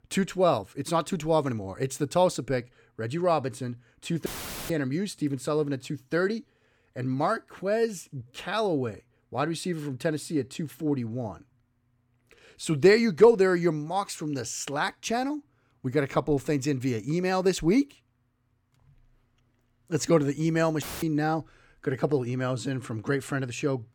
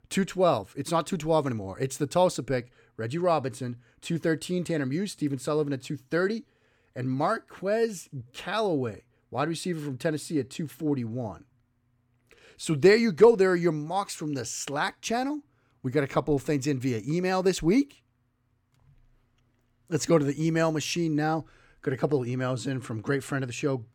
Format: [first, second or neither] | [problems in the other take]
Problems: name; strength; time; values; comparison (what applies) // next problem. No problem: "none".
second | audio cutting out; filled with static; at 4.5 s and at 21 s